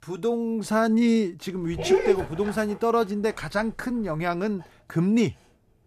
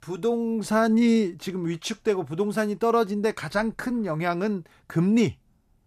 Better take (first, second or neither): second